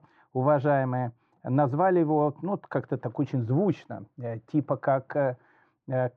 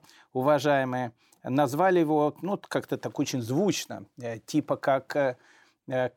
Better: second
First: muffled; very; fading above 1 kHz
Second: none

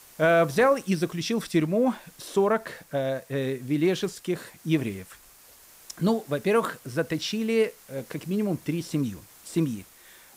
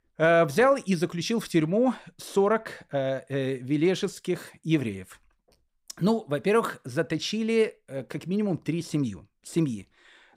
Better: second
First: hiss; faint; throughout; 25 dB below the speech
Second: none

